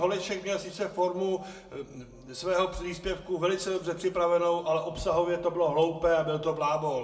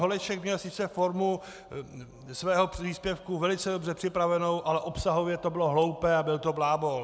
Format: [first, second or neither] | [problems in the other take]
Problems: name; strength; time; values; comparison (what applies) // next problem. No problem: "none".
second | room echo; dies away in 0.7 s